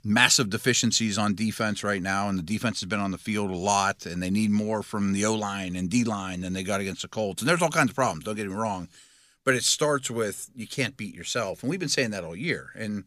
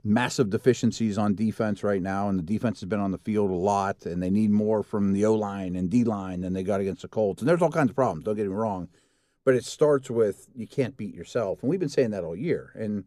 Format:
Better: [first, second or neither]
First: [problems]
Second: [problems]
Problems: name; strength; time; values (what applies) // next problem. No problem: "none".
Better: first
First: none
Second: muffled; slightly; fading above 1.5 kHz